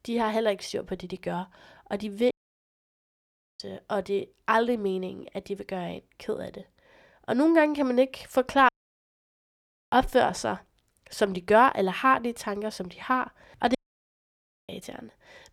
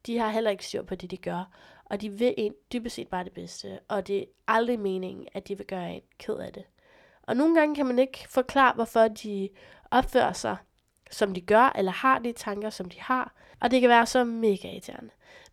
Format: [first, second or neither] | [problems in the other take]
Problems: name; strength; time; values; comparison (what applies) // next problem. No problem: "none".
second | audio cutting out; at 2.5 s for 1.5 s, at 8.5 s for 1 s and at 14 s for 1 s